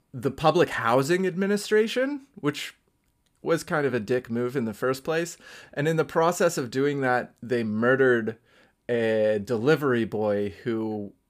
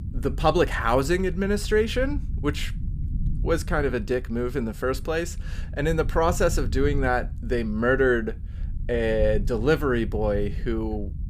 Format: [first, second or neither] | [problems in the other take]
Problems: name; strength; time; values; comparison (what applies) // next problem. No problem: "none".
first | low rumble; faint; throughout; 20 dB below the speech